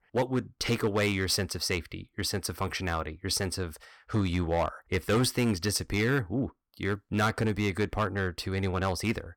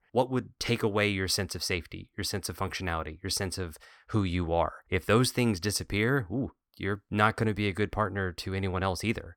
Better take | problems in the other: second | distortion; slight; 4% of the sound clipped

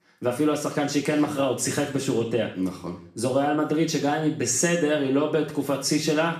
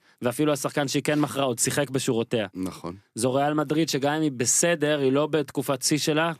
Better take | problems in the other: second | room echo; noticeable; dies away in 0.5 s // off-mic speech; far

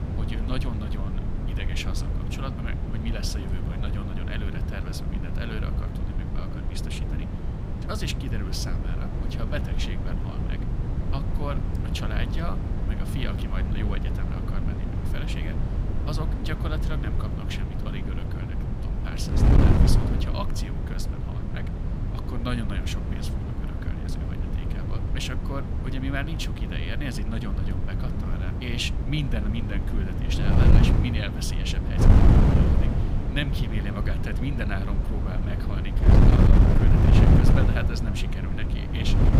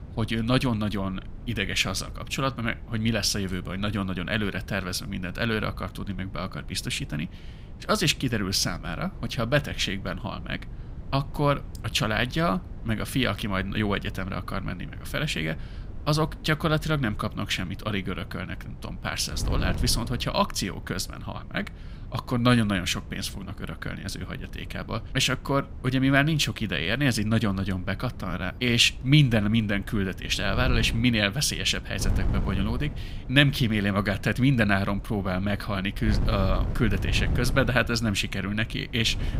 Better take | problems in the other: second | wind noise on the microphone; heavy; 1 dB above the speech; occasional gusts in the second

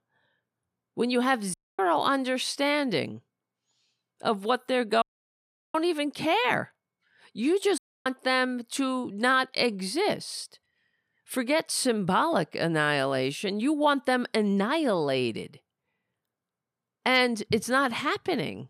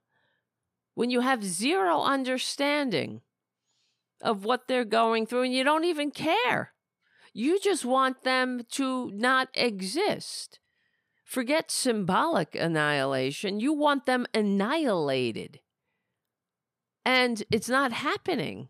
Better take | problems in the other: second | audio cutting out; at 1.5 s, at 5 s for 0.5 s and at 8 s

